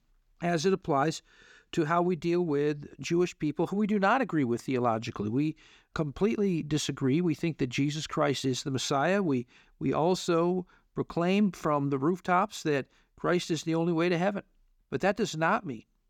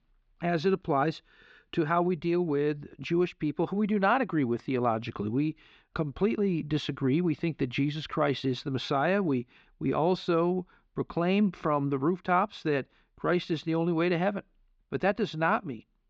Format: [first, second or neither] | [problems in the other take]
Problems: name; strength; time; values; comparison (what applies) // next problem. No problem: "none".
first | muffled; slightly; fading above 4 kHz